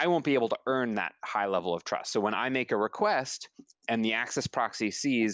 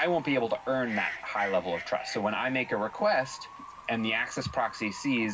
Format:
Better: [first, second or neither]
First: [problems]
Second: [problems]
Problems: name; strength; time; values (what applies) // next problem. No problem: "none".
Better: first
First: none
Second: background sound (Bird / Fowl); 12 dB below the speech // room echo; dies away in 0.4 s